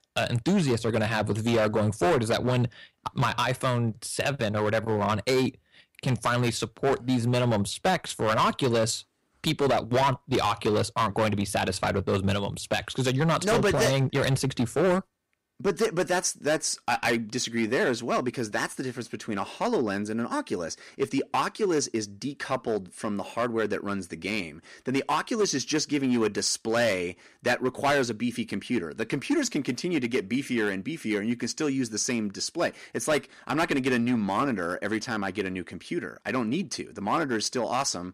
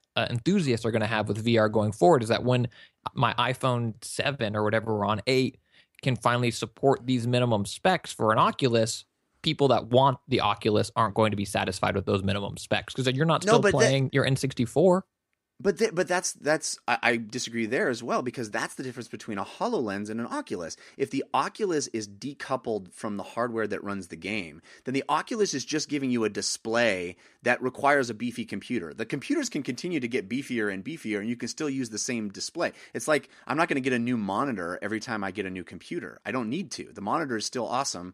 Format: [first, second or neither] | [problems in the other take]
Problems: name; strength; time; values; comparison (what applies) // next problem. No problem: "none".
second | distortion; heavy; 7% of the sound clipped